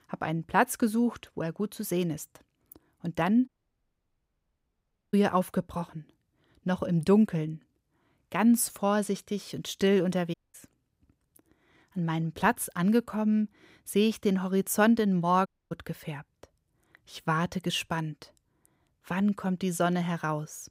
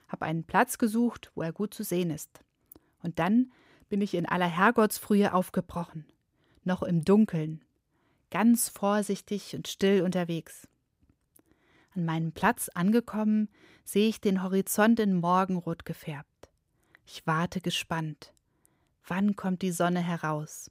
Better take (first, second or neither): second